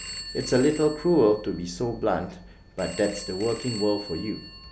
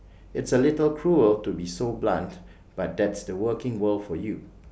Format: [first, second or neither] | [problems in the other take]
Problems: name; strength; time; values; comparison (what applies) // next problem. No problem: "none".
second | background sound (Telephone); 13 dB below the speech